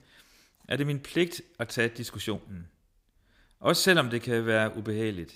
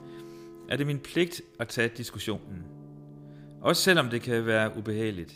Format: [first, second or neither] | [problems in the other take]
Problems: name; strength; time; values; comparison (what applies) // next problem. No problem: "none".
first | background music; faint; throughout; 20 dB below the speech